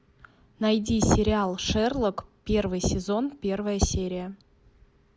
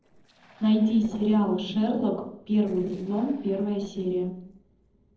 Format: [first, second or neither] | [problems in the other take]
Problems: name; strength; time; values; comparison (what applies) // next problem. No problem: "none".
first | noise reduction (neural separator model SepFormer DNS4)